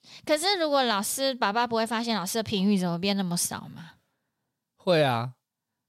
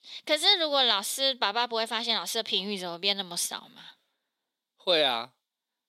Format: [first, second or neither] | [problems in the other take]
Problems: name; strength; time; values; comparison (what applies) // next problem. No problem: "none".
first | thin; somewhat; fading below 300 Hz